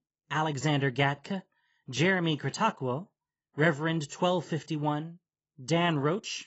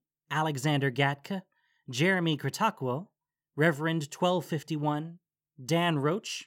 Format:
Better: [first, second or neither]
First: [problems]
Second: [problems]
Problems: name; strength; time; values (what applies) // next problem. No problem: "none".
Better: second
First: garbled, watery; badly; nothing above 8 kHz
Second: none